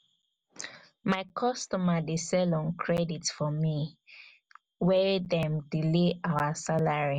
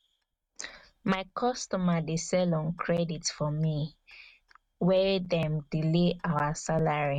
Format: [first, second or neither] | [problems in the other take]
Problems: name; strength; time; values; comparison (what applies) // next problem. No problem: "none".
first | noise reduction (neural mask model RNNoise)